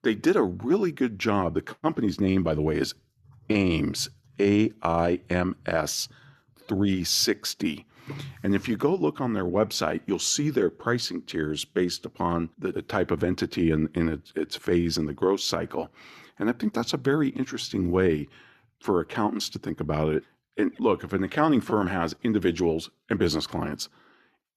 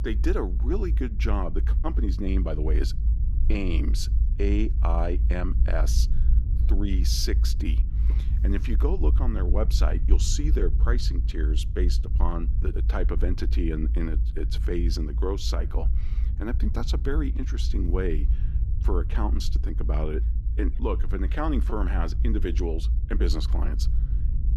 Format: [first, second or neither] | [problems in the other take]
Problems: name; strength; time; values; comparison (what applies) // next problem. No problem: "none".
first | low rumble; noticeable; throughout; 10 dB below the speech